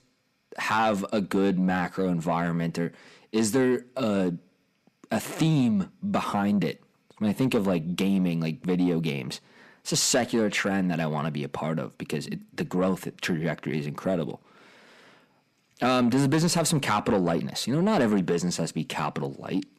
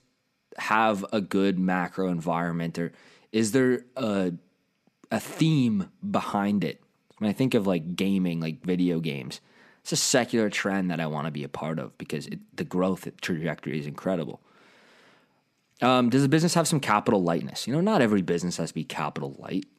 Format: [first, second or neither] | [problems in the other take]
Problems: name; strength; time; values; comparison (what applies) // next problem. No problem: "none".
second | distortion; slight; 10 dB below the speech